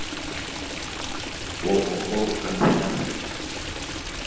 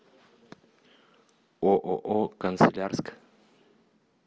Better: second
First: background sound (Stream); 3 dB below the speech // room echo; dies away in 0.9 s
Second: none

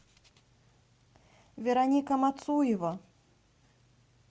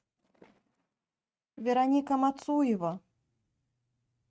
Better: first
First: none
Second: noise reduction (neural mask model RNNoise)

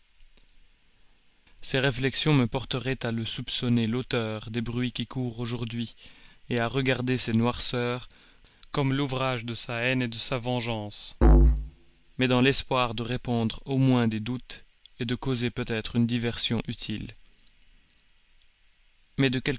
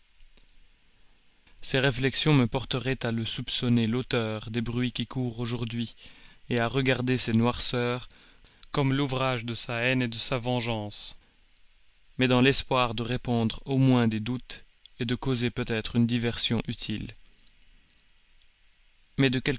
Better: second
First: background sound (Musical instrument); 4 dB above the speech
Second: none

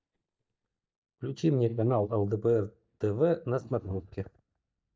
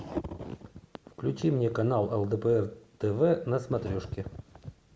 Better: second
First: noise reduction (neural mask model DeepFilterNet 3)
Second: none

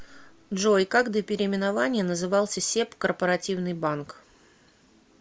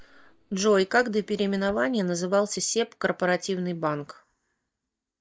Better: first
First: none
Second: noise reduction (neural mask model DeepFilterNet 3)

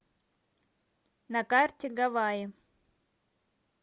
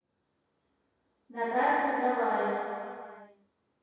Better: first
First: none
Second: room echo; dies away in 2.2 s

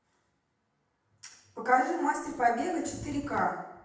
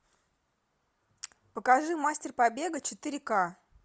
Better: second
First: background sound (Wood / Tools); 16 dB below the speech // room echo; dies away in 0.8 s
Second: none

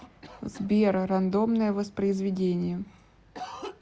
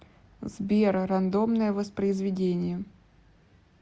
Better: second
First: background sound (Cough); 19 dB below the speech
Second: none

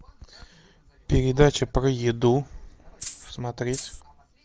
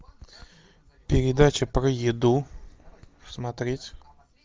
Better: second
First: background sound (Rattle (instrument)); 13 dB below the speech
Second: none

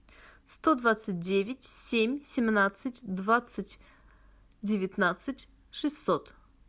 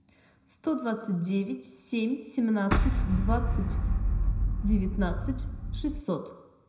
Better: first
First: none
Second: background sound (Boom); 5 dB above the speech // room echo; dies away in 0.8 s

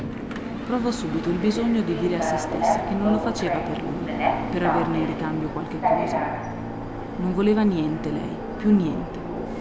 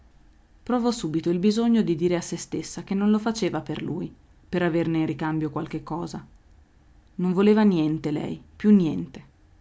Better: second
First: background sound (Subway, metro, underground); 1 dB below the speech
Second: none

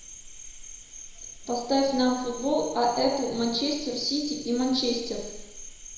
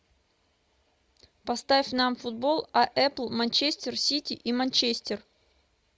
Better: second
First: background sound (Cricket); 14 dB below the speech // room echo; dies away in 1 s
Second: none

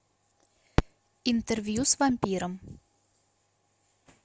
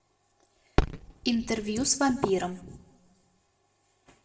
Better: first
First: none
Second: room echo; dies away in 0.7 s

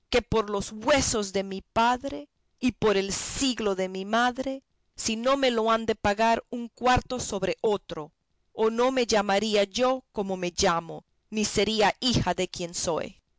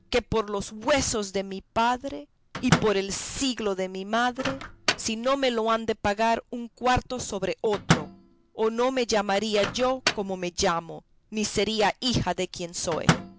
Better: first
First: none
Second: background sound (Microwave oven); 7 dB below the speech

